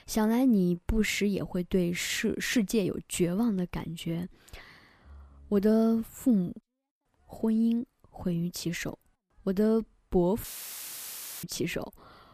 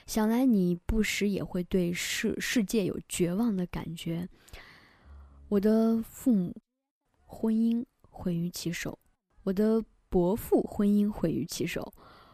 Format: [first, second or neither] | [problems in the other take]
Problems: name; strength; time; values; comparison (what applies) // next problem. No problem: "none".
second | audio cutting out; filled with static; at 10 s for 1 s